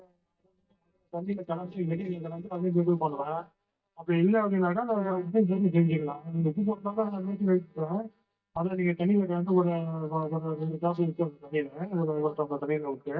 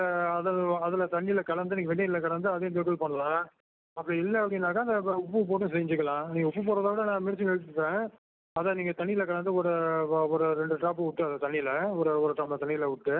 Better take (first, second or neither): second